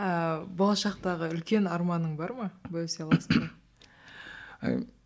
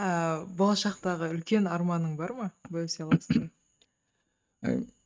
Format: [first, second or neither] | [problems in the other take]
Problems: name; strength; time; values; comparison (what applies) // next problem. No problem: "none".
first | noise reduction (neural mask model RNNoise)